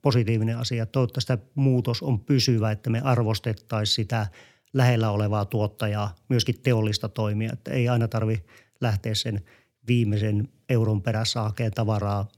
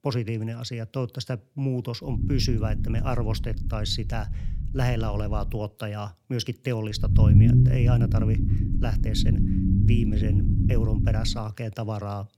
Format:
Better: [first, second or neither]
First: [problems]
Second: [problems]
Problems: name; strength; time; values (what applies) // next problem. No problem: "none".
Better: first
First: none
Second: low rumble; loud; from 2 to 5.5 s and from 7 to 11 s; 1 dB below the speech